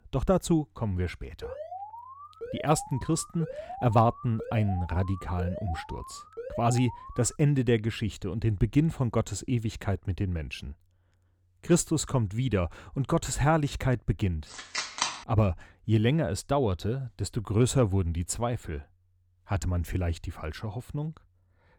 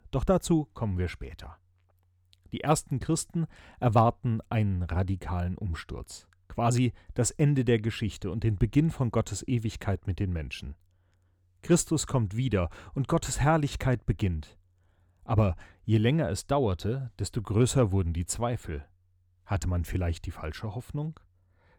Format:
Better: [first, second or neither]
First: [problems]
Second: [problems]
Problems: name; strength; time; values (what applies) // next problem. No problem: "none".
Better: second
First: alarm; faint; from 1.5 to 7.5 s; peak 10 dB below the speech // phone ringing; noticeable; at 15 s; peak 1 dB below the speech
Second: none